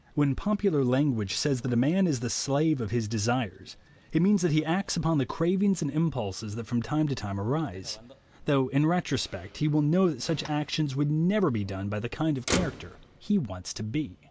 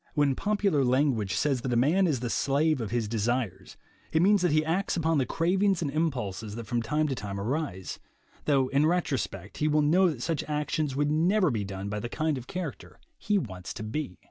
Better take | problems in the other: second | background sound (Tap + Motor vehicle (road)); 17 dB below the speech

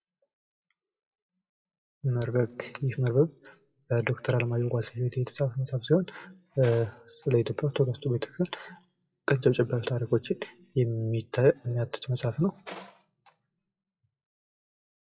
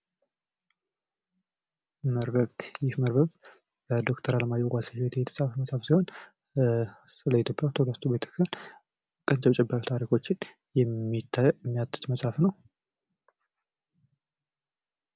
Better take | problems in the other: second | noise reduction (classical method WPE with log-MMSE)

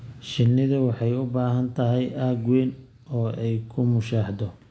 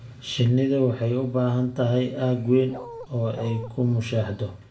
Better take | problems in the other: first | background sound (Bark); 14 dB below the speech // room echo; dies away in 0.2 s

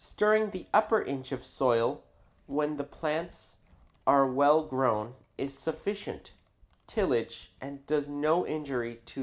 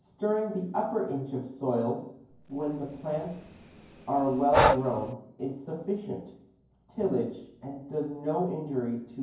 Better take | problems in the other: first | background sound (Breathing); 1 dB above the speech // room echo; dies away in 0.9 s

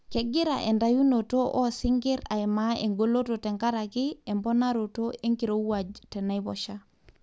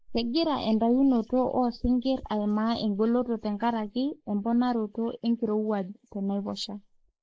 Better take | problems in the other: first | noise reduction (neural mask model Resemble Enhance denoiser)

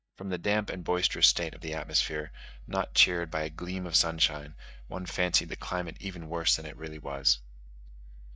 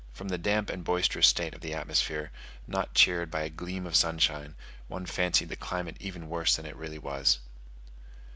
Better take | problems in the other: second | noise reduction (neural mask model DeepFilterNet 3)

